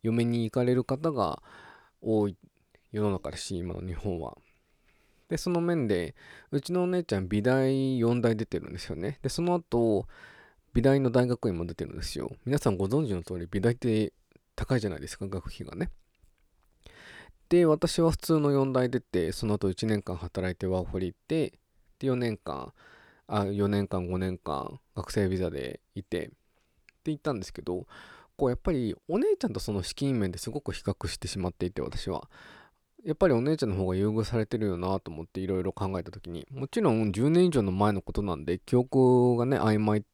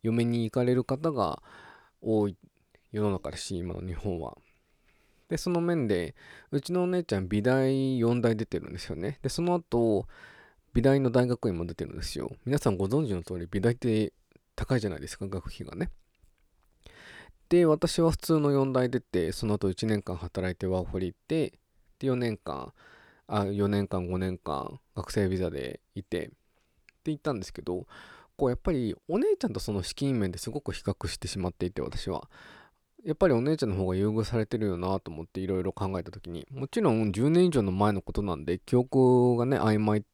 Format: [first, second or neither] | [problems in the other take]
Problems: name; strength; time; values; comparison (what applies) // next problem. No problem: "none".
neither | none